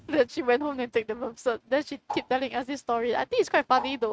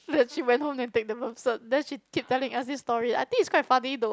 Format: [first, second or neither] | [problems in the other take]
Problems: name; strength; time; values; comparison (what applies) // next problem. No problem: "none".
second | noise reduction (neural mask model RNNoise)